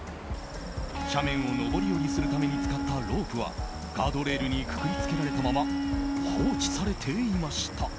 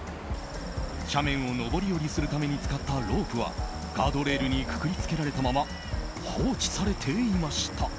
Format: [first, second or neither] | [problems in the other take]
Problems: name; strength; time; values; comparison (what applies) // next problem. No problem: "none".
second | background sound (Electric guitar); 1 dB below the speech